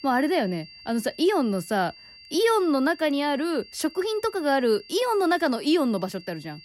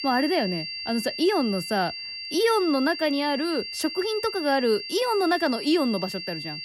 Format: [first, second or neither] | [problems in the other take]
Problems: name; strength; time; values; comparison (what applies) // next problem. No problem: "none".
first | high-pitched whine; loud; throughout; 4.5 kHz, 7 dB below the speech; faint in the first